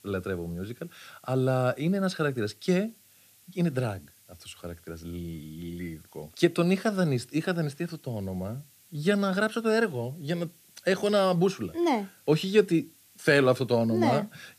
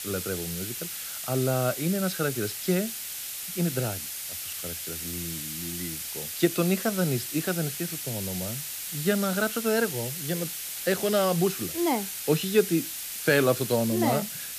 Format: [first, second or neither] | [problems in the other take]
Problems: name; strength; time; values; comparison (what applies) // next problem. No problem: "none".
first | hiss; loud; throughout; 5 dB below the speech; faint in the first